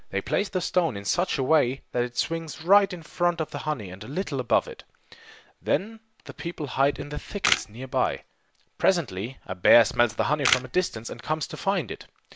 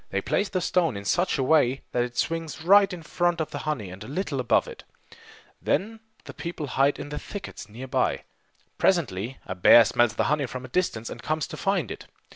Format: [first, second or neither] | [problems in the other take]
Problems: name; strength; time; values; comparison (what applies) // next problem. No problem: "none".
second | background sound (Camera); 4 dB below the speech